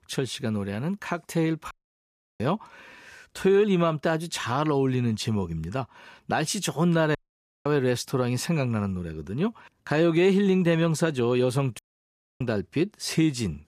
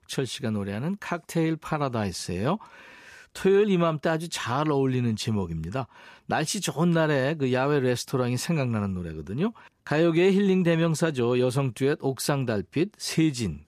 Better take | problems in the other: second | audio cutting out; at 1.5 s for 0.5 s, at 7 s for 0.5 s and at 12 s for 0.5 s

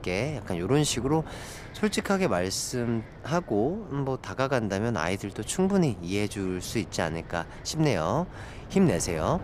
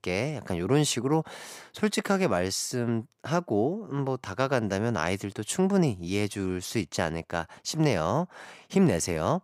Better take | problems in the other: second | wind noise on the microphone; occasional gusts; 20 dB below the speech

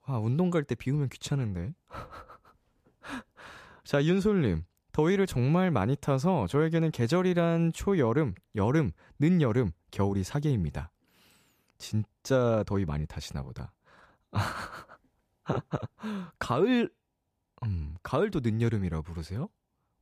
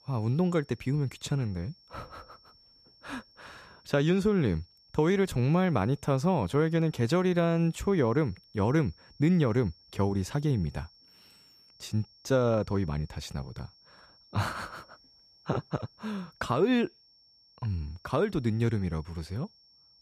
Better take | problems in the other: first | high-pitched whine; faint; throughout; 5.5 kHz, 30 dB below the speech

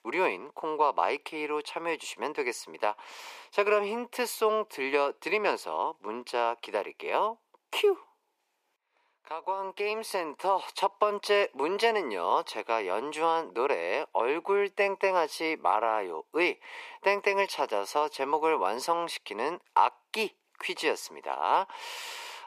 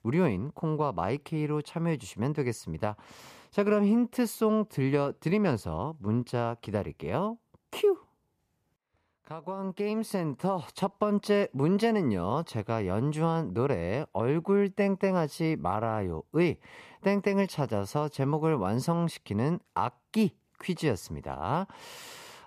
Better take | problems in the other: second | thin; very; fading below 400 Hz

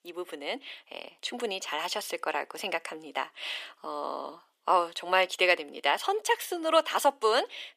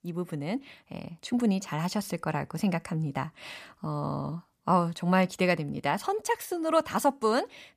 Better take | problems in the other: second | thin; very; fading below 350 Hz

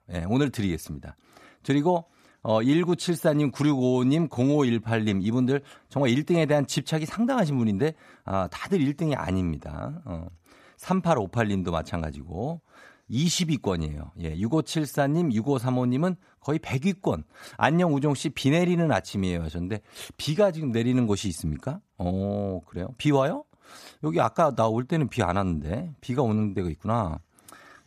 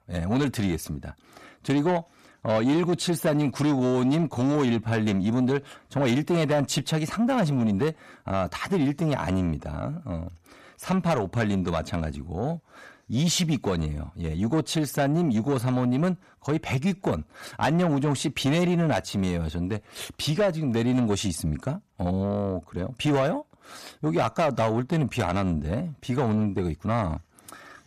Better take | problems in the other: first | distortion; slight; 10 dB below the speech

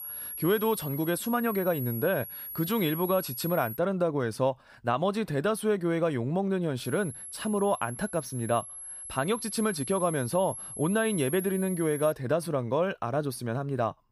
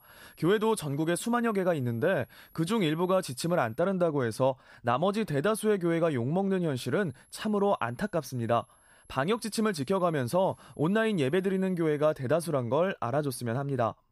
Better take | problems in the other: second | high-pitched whine; loud; until 4 s and from 7 to 12 s; 11.5 kHz, 8 dB below the speech; faint in the second

